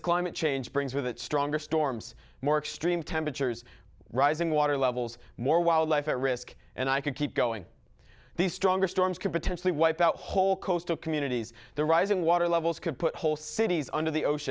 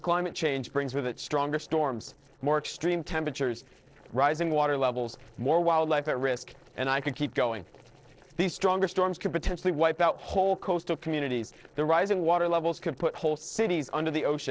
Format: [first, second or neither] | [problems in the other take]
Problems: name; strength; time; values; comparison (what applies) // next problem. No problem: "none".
first | noise reduction (neural separator model SepFormer DNS4)